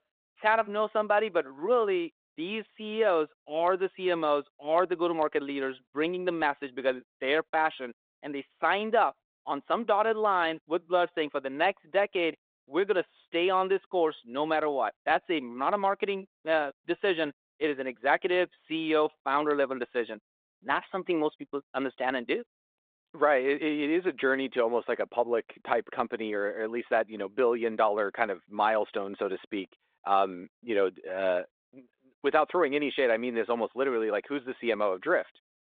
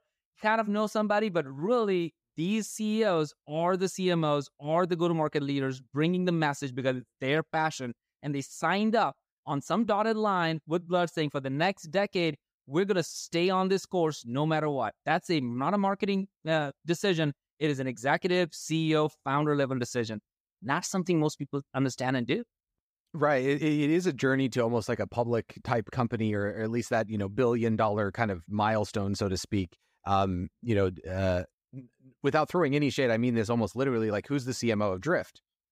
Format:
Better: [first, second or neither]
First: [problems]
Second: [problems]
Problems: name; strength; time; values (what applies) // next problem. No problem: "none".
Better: second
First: phone-call audio; nothing above 3.5 kHz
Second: none